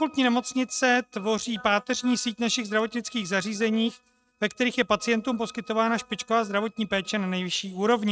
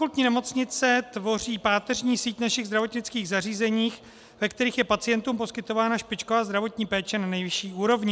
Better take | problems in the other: second | noise reduction (neural mask model RNNoise)

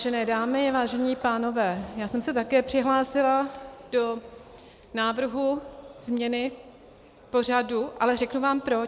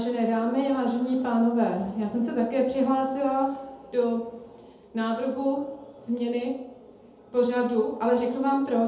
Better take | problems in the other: first | room echo; dies away in 1.9 s

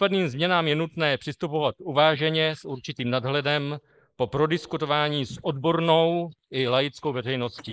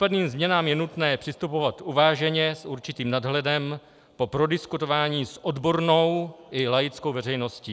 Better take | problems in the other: second | noise reduction (neural mask model Resemble Enhance denoiser)

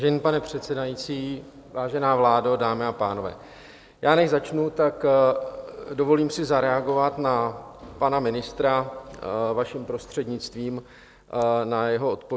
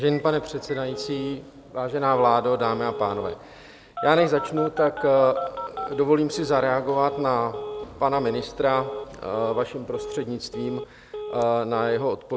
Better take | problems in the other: first | background sound (Telephone); 11 dB below the speech

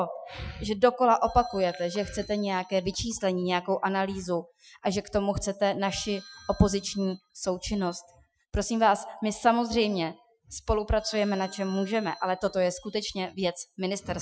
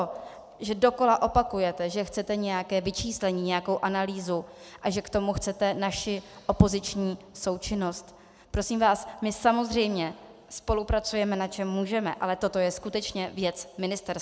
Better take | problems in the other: second | noise reduction (classical method Wiener filter)

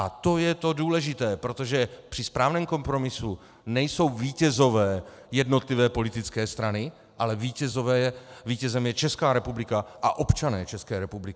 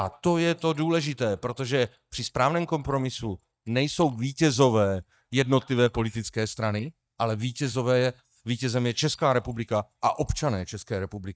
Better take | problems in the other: first | noise reduction (neural mask model DeepFilterNet 3)

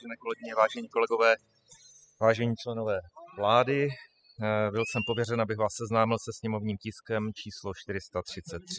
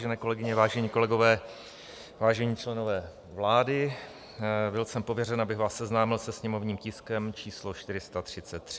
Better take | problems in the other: second | noise reduction (classical method spectral subtraction)

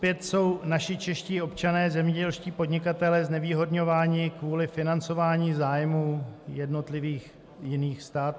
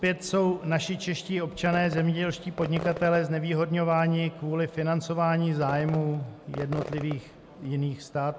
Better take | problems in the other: first | background sound (Fireworks); 16 dB below the speech

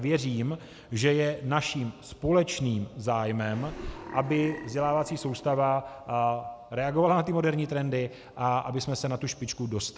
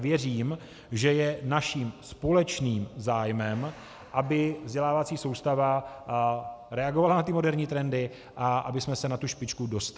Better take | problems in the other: second | background sound (Burping, eructation); 14 dB below the speech

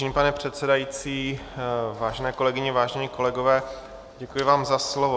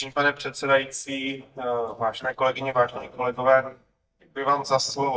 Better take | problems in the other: first | noise reduction (neural mask model DeepFilterNet 3)

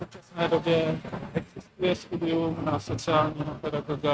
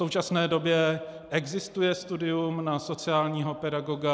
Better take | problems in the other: second | noise reduction (neural mask model RNNoise)

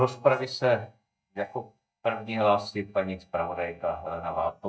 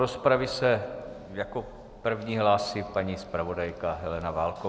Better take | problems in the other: second | noise reduction (neural mask model DeepFilterNet 3)

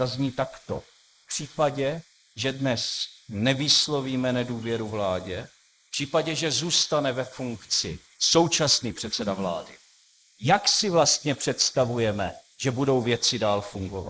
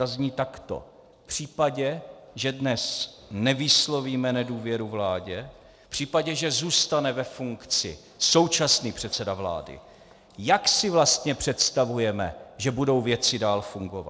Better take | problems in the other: second | noise reduction (neural mask model Resemble Enhance denoiser)

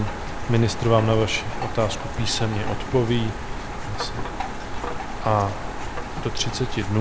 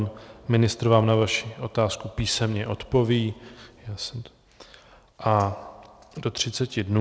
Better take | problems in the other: second | background sound (Rain); 3 dB below the speech

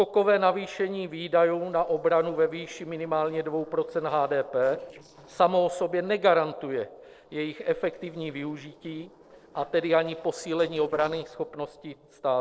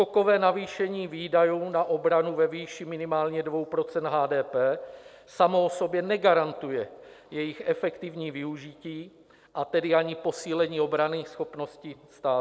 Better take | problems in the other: second | noise reduction (neural separator model SepFormer DNS4)

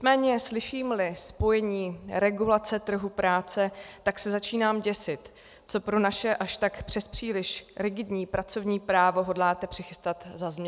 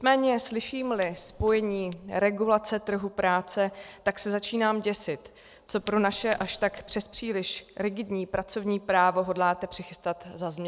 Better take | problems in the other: first | noise reduction (neural separator model SepFormer DNS4)

